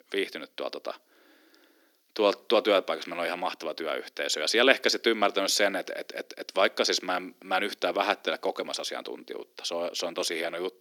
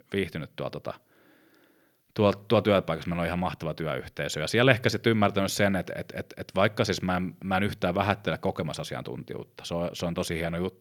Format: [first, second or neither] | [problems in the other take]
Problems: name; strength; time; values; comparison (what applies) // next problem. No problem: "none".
second | thin; somewhat; fading below 250 Hz